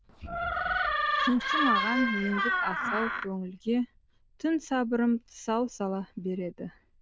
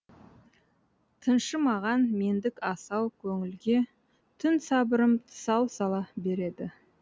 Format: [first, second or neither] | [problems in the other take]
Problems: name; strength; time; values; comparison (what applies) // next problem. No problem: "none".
second | noise reduction (neural diffusion model UNIVERSE++)